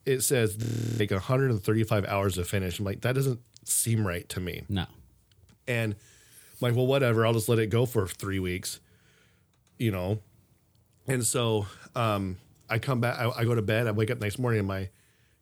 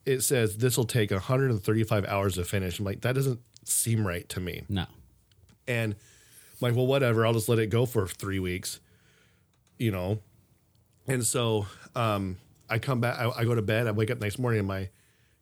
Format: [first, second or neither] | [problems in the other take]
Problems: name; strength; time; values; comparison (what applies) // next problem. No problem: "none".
second | audio freezing; at 0.5 s